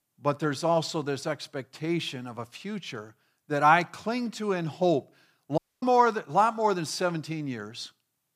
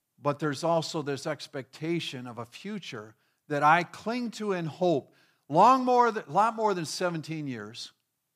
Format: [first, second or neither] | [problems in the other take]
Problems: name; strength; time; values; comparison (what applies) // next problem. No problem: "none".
second | audio cutting out; at 5.5 s